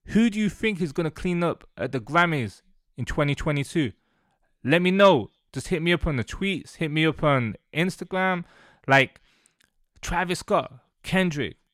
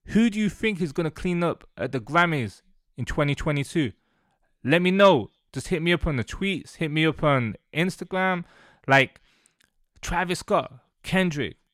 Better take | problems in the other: neither | none

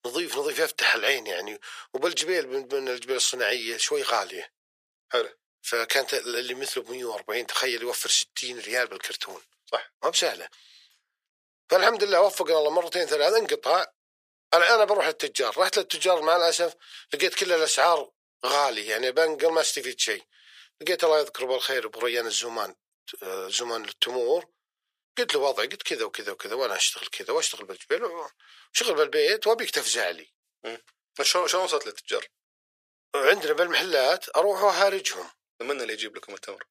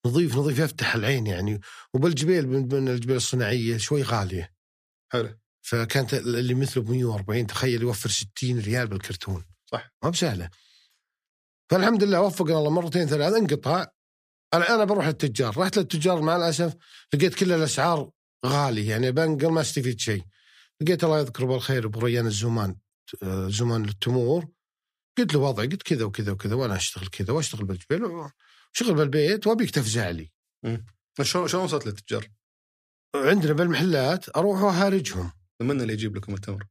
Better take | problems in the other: second | thin; very; fading below 500 Hz

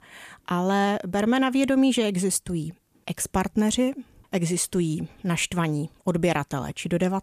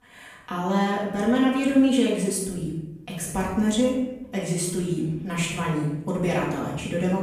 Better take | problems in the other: first | off-mic speech; far // room echo; noticeable; dies away in 0.8 s

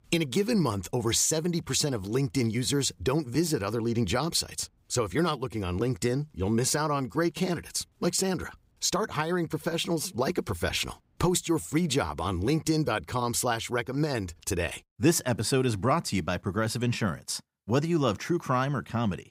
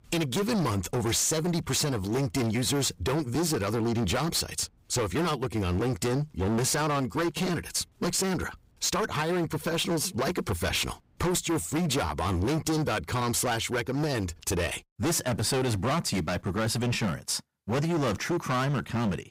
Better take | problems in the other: first | distortion; heavy; 24% of the sound clipped

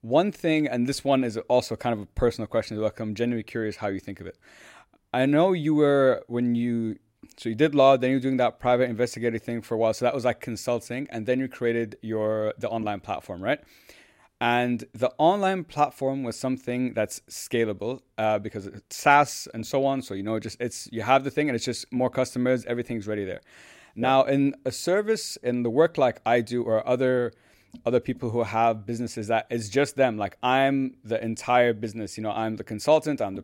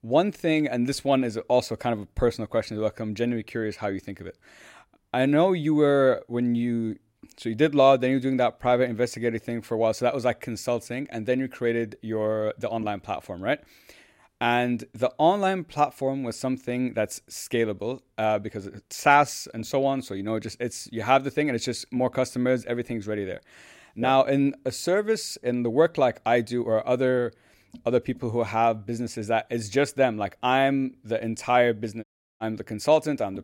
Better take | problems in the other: first | audio cutting out; at 32 s

